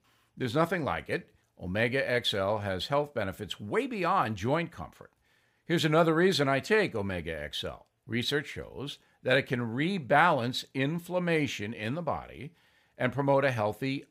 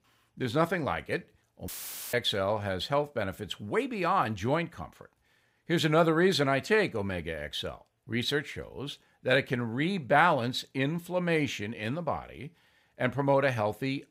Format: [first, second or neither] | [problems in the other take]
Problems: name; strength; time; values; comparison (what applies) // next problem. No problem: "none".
first | audio cutting out; filled with static; at 1.5 s